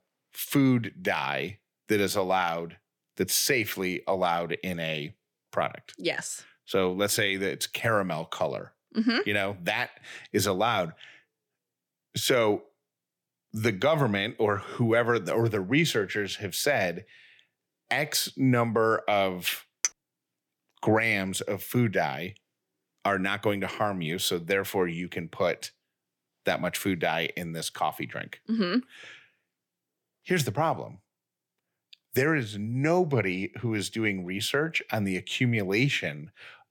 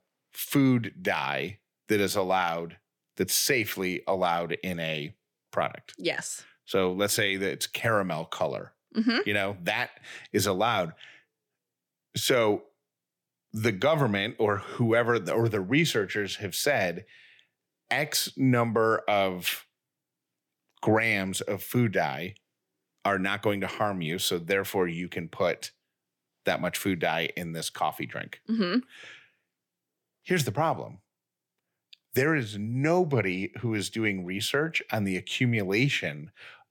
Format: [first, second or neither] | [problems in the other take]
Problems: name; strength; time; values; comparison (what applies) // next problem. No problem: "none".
second | clattering dishes; very faint; at 20 s; peak 3 dB below the speech